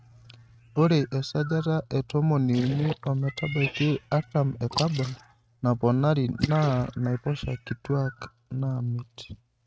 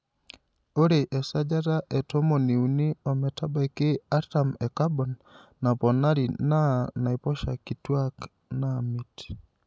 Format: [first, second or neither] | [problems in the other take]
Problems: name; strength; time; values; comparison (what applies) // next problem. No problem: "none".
second | noise reduction (neural mask model RNNoise)